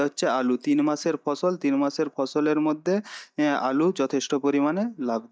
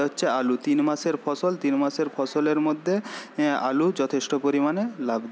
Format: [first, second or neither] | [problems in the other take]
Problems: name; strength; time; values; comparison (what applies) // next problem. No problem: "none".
second | noise reduction (neural mask model DeepFilterNet 3)